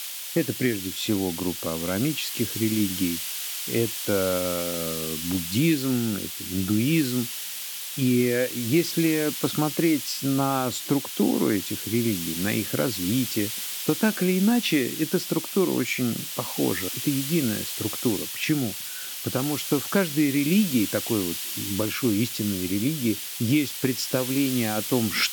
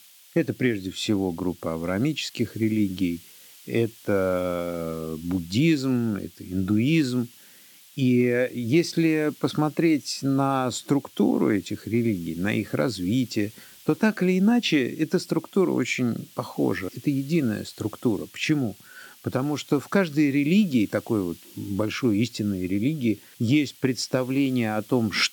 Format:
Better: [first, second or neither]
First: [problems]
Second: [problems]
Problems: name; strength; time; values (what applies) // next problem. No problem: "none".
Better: second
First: hiss; loud; throughout; 4 dB below the speech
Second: hiss; faint; throughout; 25 dB below the speech